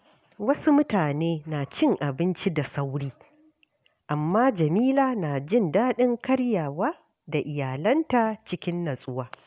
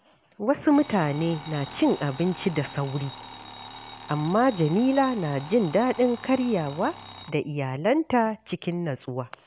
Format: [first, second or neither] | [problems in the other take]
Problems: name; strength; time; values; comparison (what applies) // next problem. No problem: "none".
first | background sound (Alarm); 18 dB below the speech